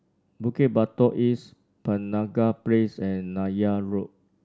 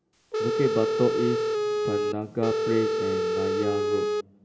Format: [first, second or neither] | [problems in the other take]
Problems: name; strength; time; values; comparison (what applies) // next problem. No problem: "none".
first | background sound (Telephone); 3 dB above the speech // room echo; dies away in 2.6 s